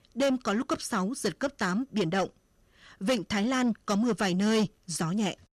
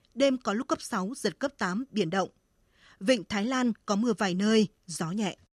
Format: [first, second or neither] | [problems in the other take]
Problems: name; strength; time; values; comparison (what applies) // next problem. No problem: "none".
second | distortion; slight; 10 dB below the speech